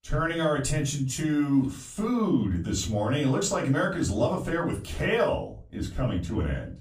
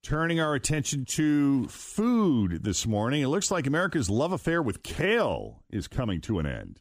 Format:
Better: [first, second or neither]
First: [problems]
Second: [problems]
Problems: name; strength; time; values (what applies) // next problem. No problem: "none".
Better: second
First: off-mic speech; far // room echo; very slight; dies away in 0.3 s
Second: none